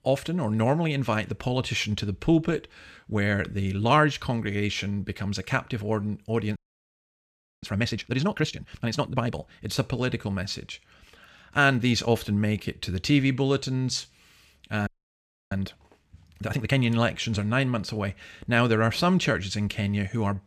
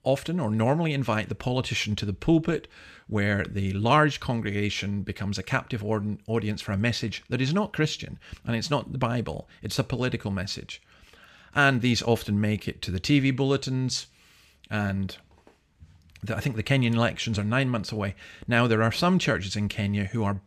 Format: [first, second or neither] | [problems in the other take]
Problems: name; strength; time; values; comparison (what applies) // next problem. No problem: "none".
second | audio freezing; at 6.5 s for 1 s and at 15 s for 0.5 s